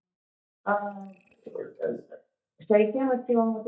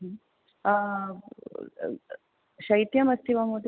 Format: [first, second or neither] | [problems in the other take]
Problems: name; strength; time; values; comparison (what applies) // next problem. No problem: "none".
second | noise reduction (neural mask model DeepFilterNet 3)